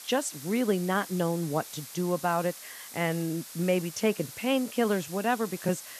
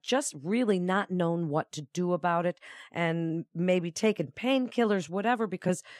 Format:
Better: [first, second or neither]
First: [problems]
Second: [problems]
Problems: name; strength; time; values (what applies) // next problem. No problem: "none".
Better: second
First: hiss; noticeable; throughout; 10 dB below the speech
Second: none